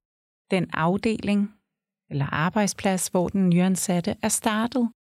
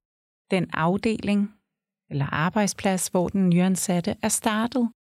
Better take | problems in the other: neither | none

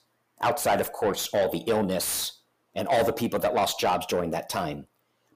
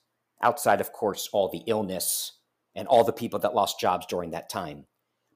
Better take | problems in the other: second | distortion; heavy; 5 dB below the speech

